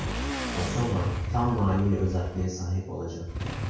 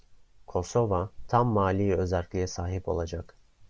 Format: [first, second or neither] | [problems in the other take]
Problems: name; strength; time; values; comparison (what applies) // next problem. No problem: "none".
second | background sound (Motorcycle / Accelerating, revving, vroom); 4 dB below the speech // room echo; dies away in 0.6 s